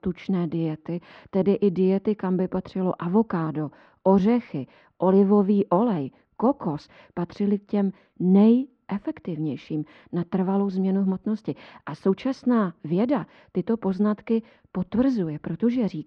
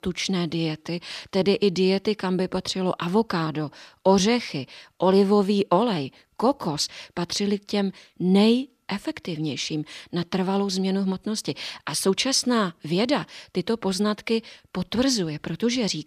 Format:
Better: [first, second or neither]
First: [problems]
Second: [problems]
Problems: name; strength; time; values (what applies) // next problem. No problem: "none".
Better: second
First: muffled; very; fading above 1.5 kHz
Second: none